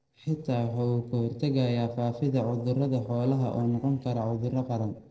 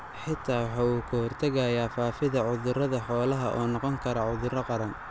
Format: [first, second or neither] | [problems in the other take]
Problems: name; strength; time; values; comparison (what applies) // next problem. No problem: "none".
second | noise reduction (neural separator model SepFormer DNS4)